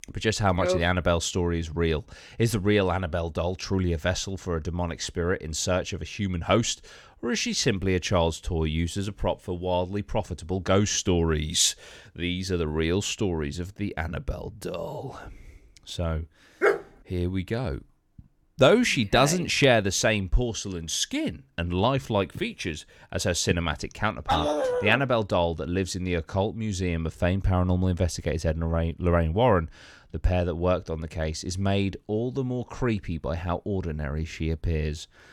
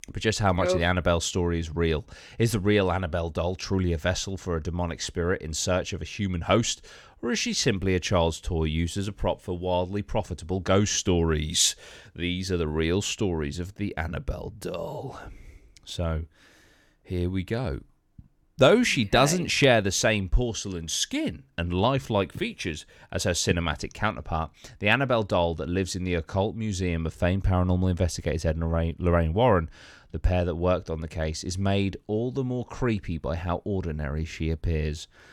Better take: second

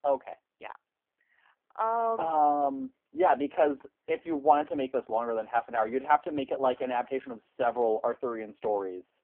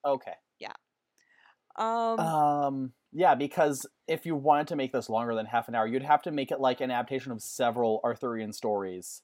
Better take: second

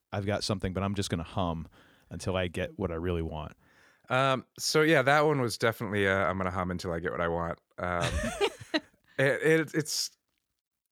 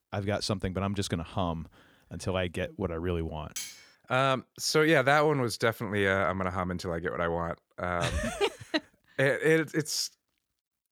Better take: first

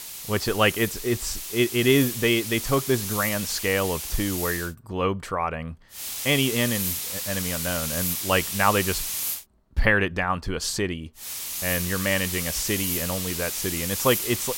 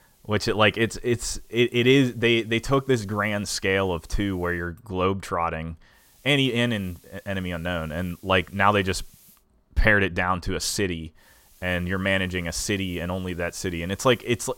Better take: second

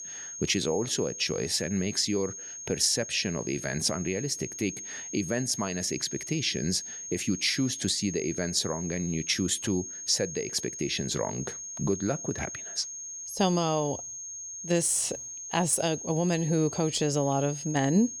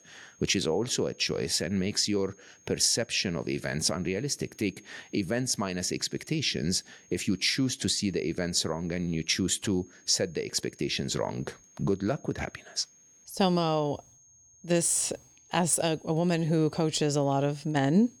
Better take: second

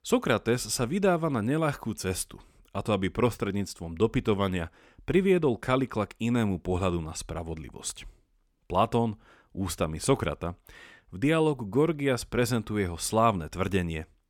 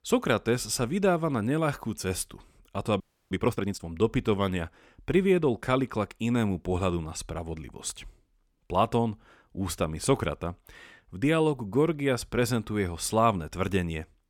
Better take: first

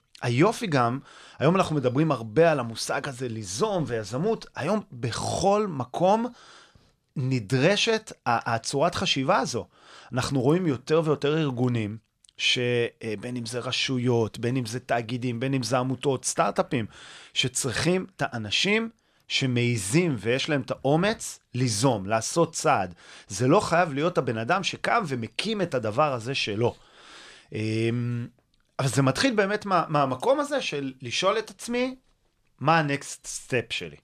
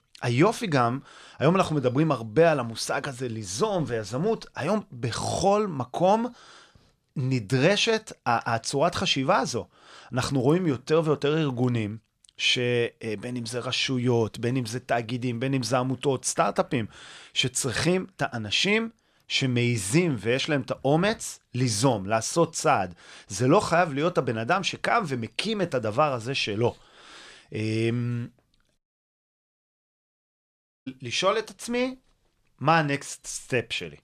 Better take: first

